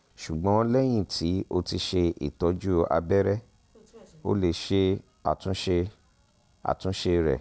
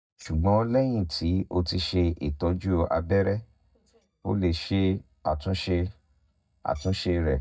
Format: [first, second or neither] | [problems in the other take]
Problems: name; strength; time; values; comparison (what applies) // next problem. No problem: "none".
first | noise reduction (neural mask model DeepFilterNet 3)